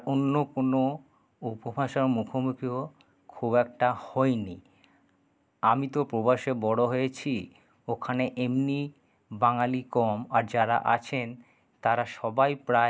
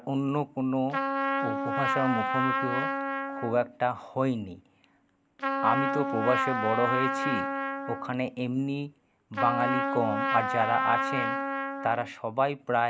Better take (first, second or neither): first